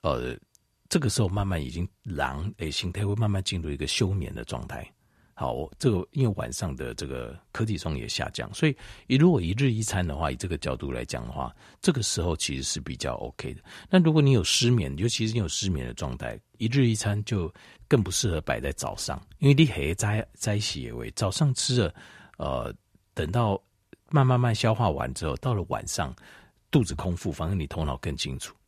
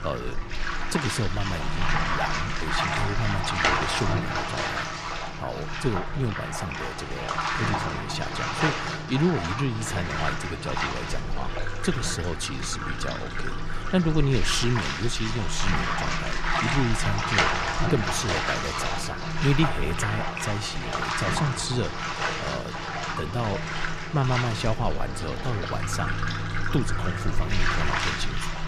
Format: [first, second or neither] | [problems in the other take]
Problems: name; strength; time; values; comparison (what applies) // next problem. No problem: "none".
first | household noises; very loud; throughout; 1 dB above the speech